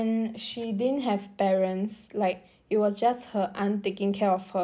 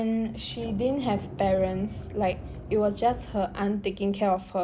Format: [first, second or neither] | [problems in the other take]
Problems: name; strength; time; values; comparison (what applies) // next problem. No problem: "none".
first | background sound (Sliding door); 12 dB below the speech